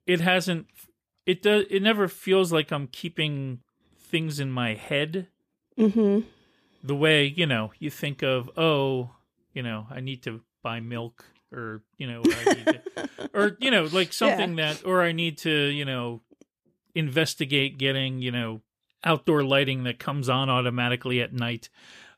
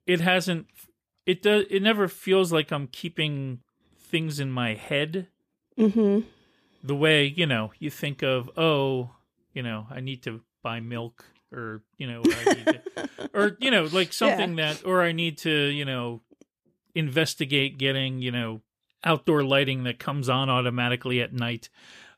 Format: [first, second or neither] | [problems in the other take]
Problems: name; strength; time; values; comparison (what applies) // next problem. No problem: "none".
neither | none